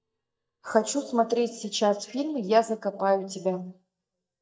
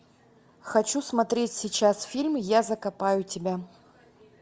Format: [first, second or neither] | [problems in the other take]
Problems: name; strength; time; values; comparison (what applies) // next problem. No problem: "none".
second | noise reduction (neural mask model DeepFilterNet 3)